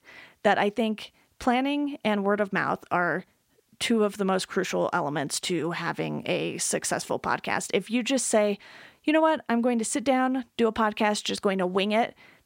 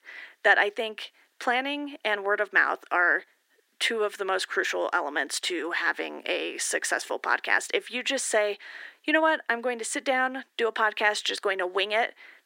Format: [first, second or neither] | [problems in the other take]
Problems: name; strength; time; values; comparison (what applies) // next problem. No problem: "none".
first | thin; somewhat; fading below 300 Hz